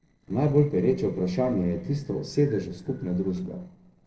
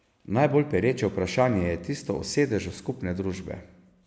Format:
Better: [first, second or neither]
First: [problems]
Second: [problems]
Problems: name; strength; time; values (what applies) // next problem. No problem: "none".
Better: second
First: noise reduction (neural separator model SepFormer DNS4)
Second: none